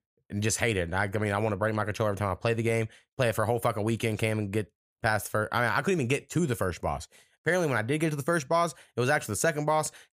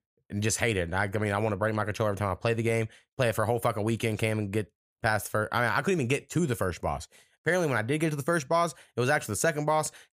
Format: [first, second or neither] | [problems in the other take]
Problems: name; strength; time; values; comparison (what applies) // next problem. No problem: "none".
neither | none